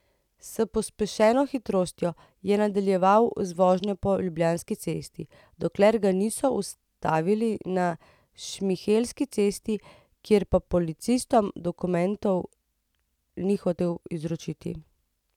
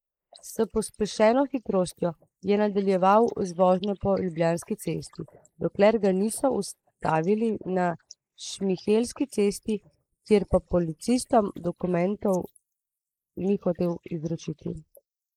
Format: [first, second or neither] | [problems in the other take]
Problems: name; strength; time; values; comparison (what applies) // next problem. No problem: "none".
first | noise reduction (neural mask model Resemble Enhance denoiser)